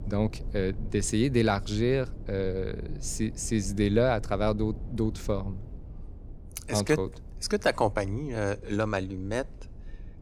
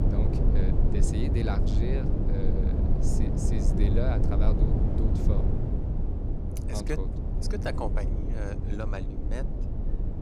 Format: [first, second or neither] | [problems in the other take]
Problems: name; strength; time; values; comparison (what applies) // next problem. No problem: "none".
first | low rumble; loud; throughout; as loud as the speech; faint in the first